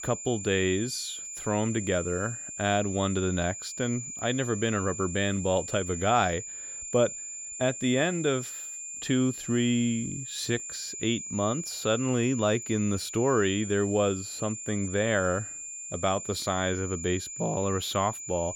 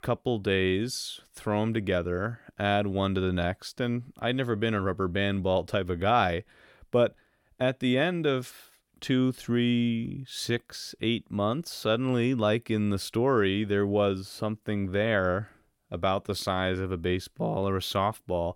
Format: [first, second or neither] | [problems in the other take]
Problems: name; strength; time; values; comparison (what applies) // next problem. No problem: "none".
second | high-pitched whine; loud; throughout; 7.5 kHz, 8 dB below the speech